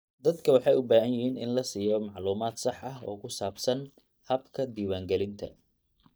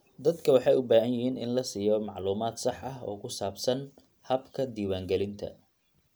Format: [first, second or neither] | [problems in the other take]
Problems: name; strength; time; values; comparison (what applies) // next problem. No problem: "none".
second | noise reduction (neural mask model DeepFilterNet 3)